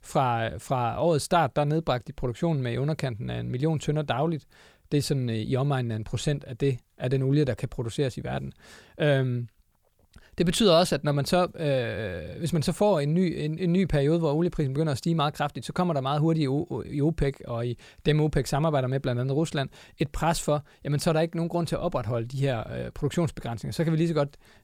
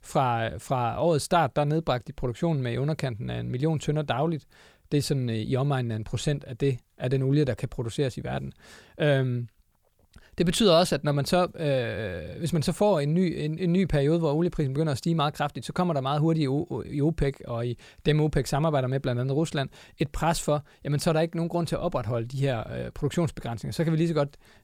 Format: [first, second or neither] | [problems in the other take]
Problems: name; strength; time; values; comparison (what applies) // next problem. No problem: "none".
neither | none